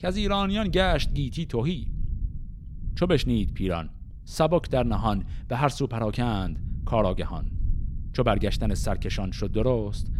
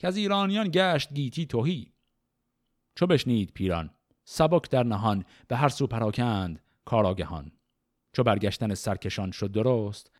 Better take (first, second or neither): second